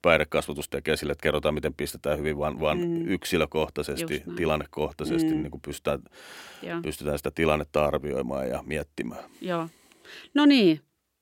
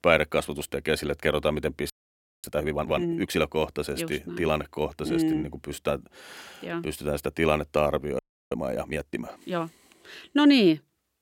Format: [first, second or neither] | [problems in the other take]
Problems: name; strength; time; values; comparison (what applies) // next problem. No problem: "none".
first | audio freezing; at 2 s for 0.5 s and at 8 s